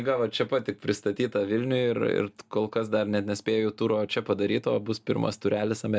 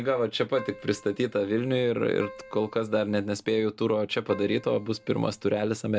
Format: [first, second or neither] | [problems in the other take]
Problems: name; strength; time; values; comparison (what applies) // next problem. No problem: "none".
first | background sound (Keyboard (musical)); 19 dB below the speech